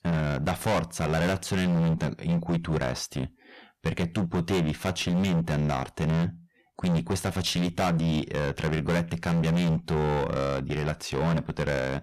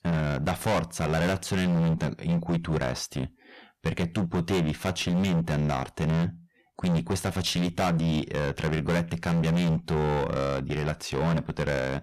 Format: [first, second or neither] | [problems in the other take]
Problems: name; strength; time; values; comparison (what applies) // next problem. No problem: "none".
neither | distortion; heavy; 20% of the sound clipped; the same in both